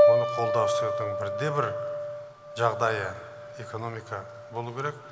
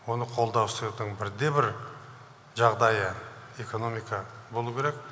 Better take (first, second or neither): second